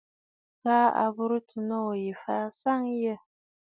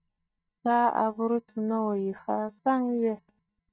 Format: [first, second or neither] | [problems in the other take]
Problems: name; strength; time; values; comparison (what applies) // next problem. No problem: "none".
first | noise reduction (neural mask model DeepFilterNet 3)